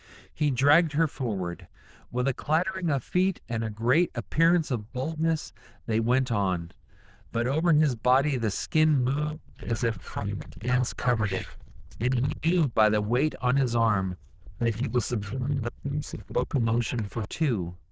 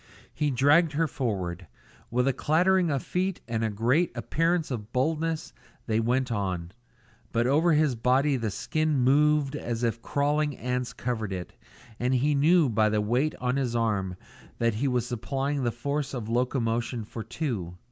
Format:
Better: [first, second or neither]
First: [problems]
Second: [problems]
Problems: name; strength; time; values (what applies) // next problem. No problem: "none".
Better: second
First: noise reduction (neural diffusion model UNIVERSE++)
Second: none